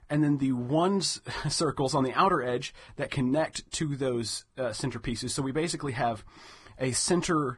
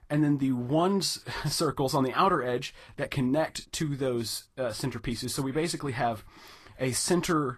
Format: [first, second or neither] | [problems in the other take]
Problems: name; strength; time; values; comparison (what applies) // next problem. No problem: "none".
second | garbled, watery; badly; slightly in the second